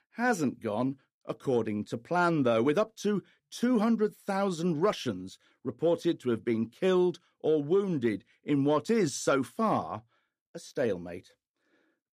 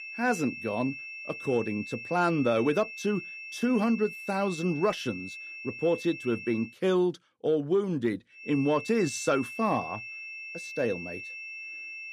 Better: first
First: none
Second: high-pitched whine; loud; until 6.5 s and from 8.5 s on; 2.5 kHz, 10 dB below the speech

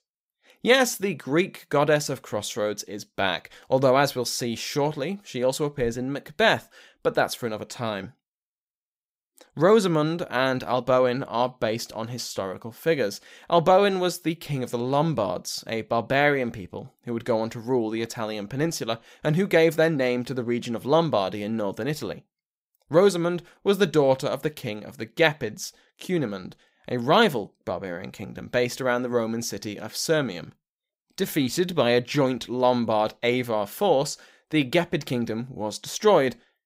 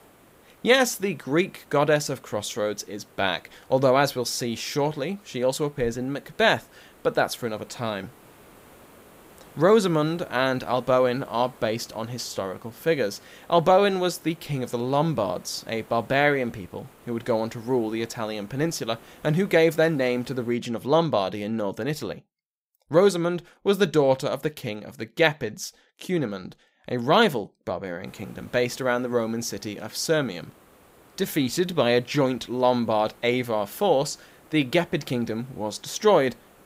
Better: first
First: none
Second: hiss; faint; until 21 s and from 28 s on; 25 dB below the speech

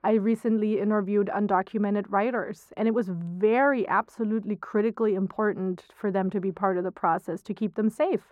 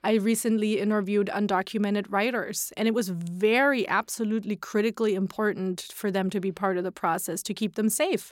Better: second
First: muffled; very; fading above 2.5 kHz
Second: none

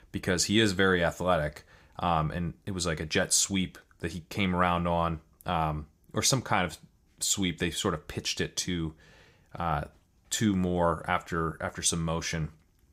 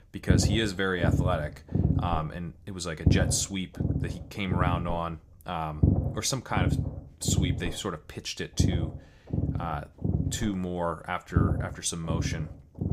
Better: first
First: none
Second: low rumble; loud; throughout; 6 dB below the speech

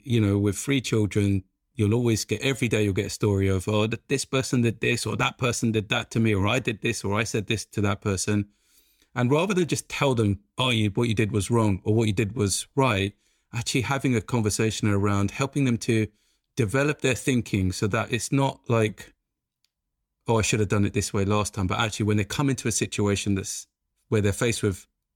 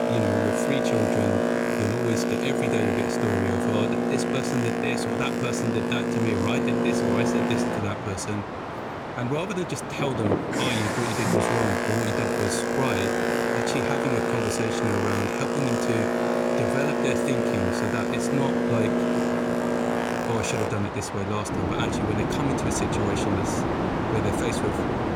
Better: first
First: none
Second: train or aircraft noise; very loud; throughout; 4 dB above the speech

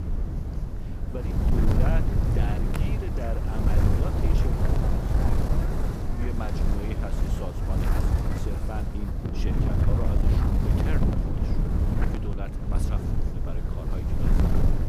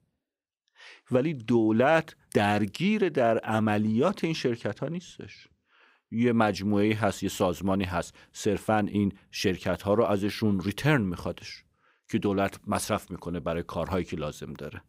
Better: second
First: wind noise on the microphone; heavy; 4 dB above the speech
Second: none

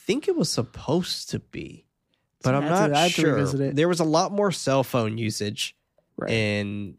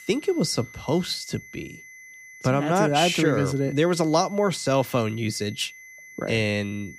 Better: first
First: none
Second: high-pitched whine; noticeable; throughout; 2 kHz, 20 dB below the speech

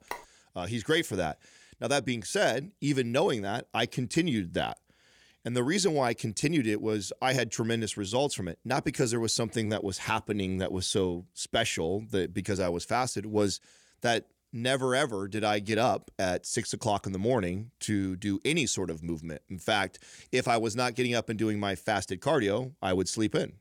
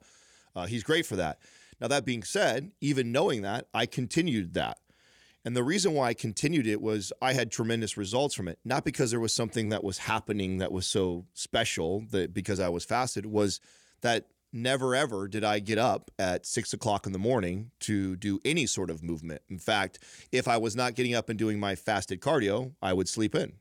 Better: second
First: phone ringing; faint; at the start; peak 15 dB below the speech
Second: none

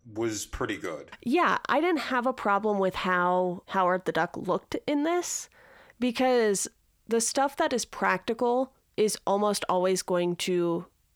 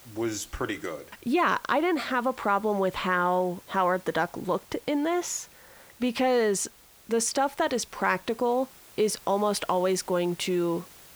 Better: first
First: none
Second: hiss; faint; throughout; 25 dB below the speech

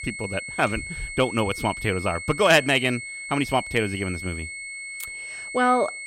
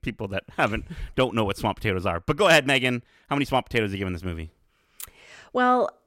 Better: second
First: high-pitched whine; loud; throughout; 2 kHz, 9 dB below the speech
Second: none

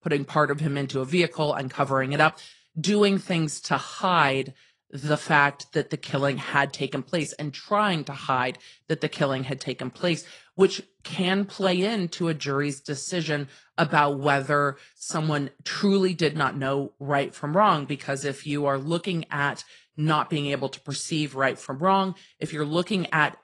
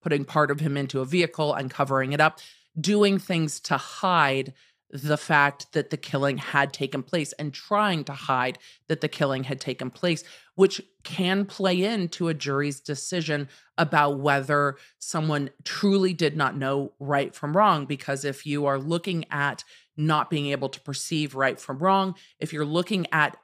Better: second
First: garbled, watery; slightly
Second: none

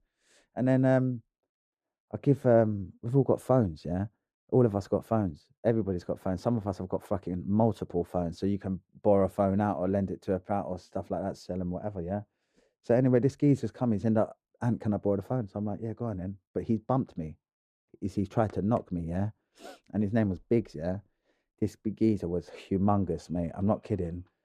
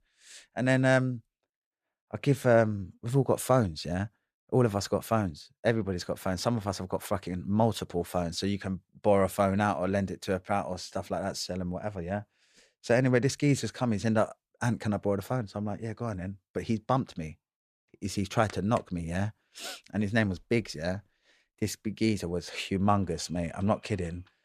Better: second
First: muffled; slightly; fading above 1.5 kHz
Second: none

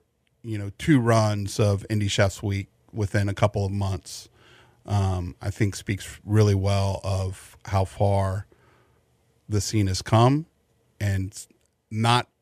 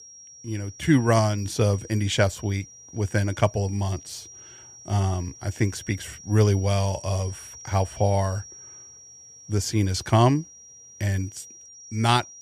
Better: first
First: none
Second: high-pitched whine; noticeable; throughout; 5.5 kHz, 20 dB below the speech

